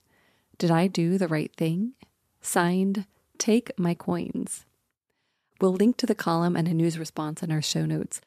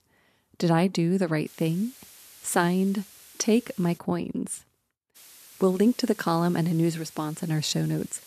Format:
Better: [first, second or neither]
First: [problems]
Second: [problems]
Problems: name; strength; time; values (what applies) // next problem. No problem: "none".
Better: first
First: none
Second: hiss; faint; from 1.5 to 4 s and from 5 s on; 20 dB below the speech